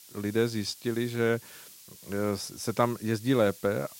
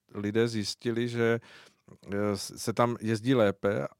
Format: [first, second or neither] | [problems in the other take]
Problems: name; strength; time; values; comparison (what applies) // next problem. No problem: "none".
second | hiss; noticeable; throughout; 20 dB below the speech